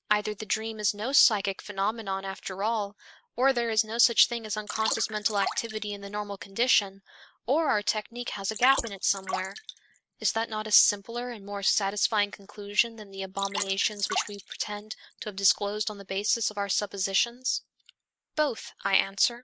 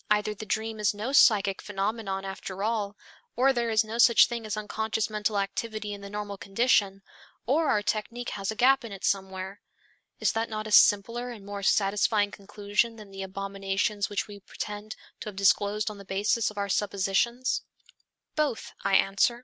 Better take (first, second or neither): second